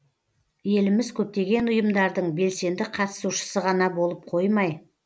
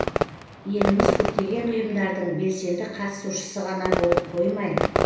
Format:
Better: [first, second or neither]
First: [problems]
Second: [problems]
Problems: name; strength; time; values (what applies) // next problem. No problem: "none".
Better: first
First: none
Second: background sound (Fireworks); 1 dB below the speech // room echo; dies away in 0.9 s